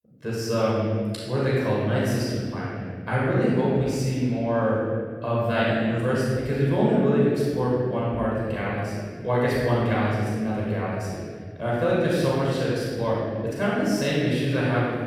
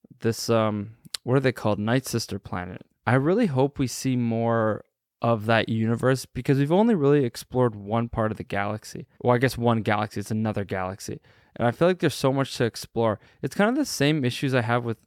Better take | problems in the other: second | off-mic speech; far // room echo; strong; dies away in 2 s

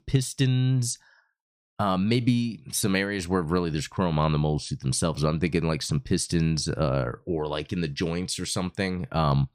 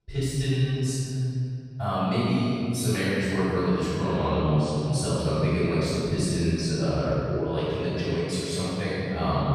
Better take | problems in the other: first | off-mic speech; far // room echo; strong; dies away in 2.5 s

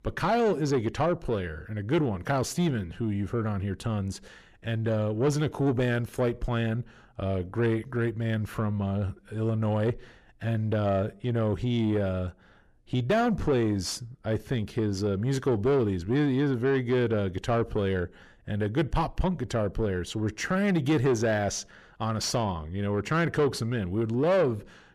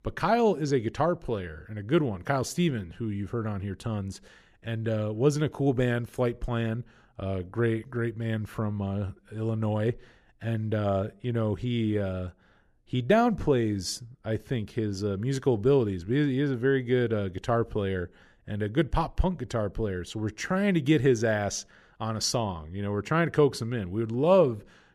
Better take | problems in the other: second | distortion; slight; 10 dB below the speech

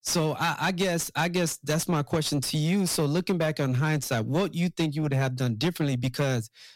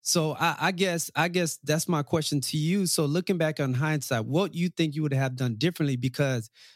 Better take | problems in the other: second | distortion; slight; 10 dB below the speech

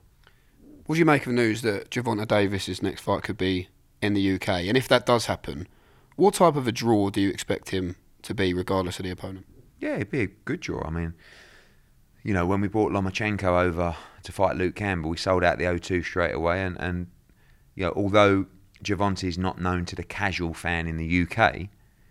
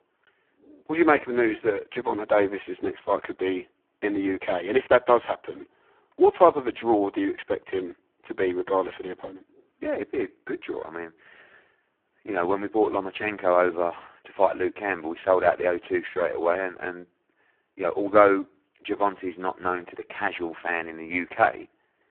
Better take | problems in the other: first | phone-call audio; poor line

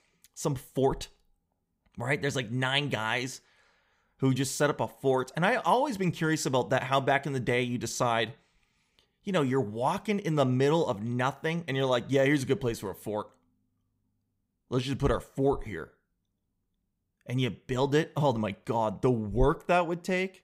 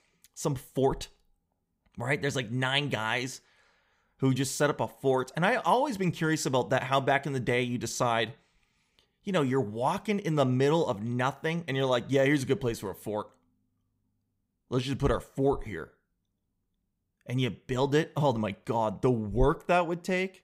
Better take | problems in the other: neither | none

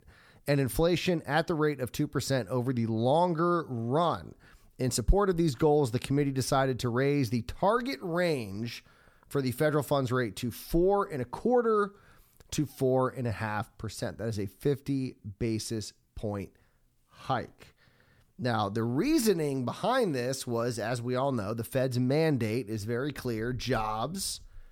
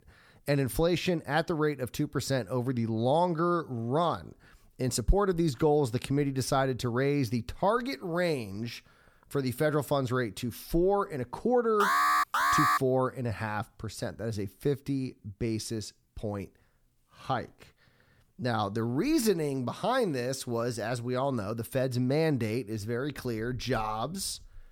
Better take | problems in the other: first | alarm; loud; at 12 s; peak 6 dB above the speech

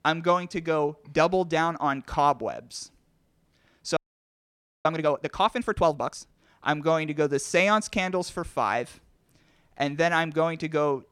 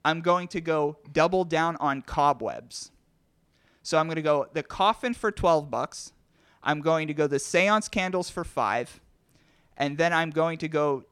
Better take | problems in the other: second | audio freezing; at 4 s for 1 s

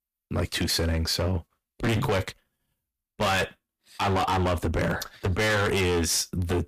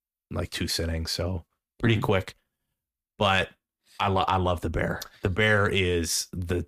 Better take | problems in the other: second | distortion; heavy; 17% of the sound clipped

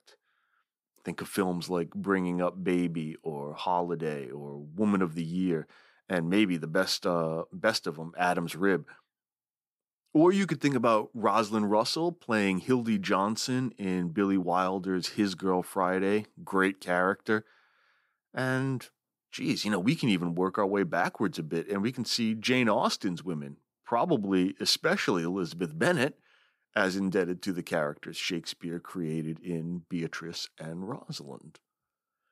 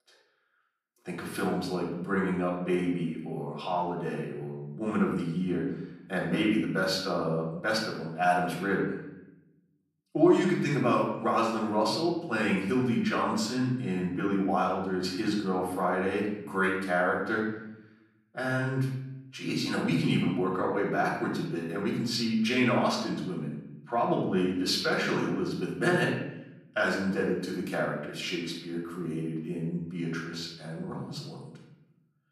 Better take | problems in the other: first | off-mic speech; far // room echo; noticeable; dies away in 0.8 s

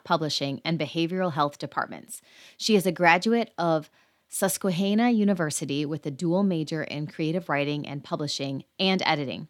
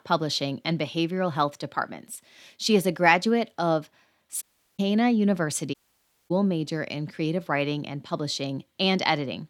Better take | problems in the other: first | audio cutting out; at 4.5 s and at 5.5 s for 0.5 s

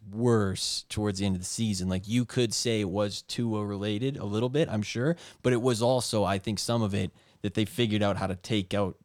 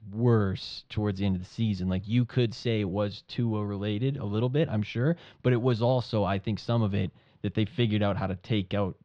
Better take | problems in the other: first | muffled; slightly; fading above 4 kHz

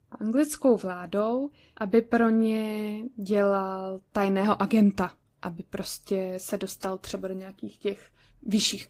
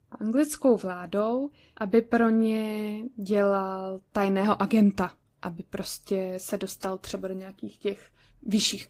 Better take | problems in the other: neither | garbled, watery; slightly; nothing above 15.5 kHz; the same in both

